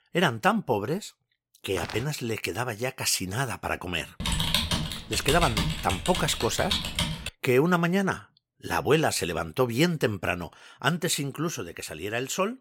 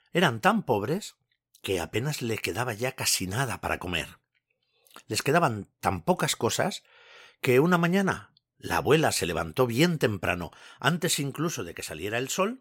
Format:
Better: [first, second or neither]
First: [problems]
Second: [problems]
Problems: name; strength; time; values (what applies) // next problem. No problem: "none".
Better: second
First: footsteps; noticeable; at 2 s; peak 10 dB below the speech // keyboard typing; loud; from 4 to 7.5 s; peak 3 dB above the speech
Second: none